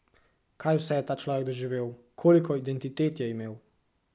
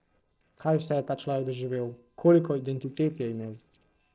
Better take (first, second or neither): first